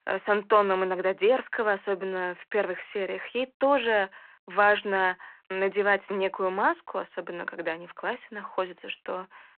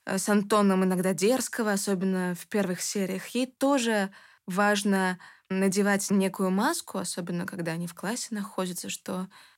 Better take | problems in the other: second | phone-call audio

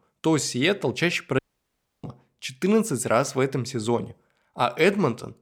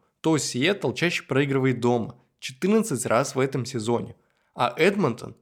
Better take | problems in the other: second | audio cutting out; at 1.5 s for 0.5 s

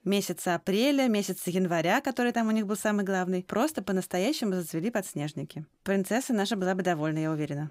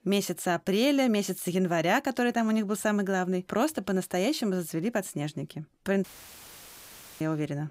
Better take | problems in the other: first | audio cutting out; filled with static; at 6 s for 1 s

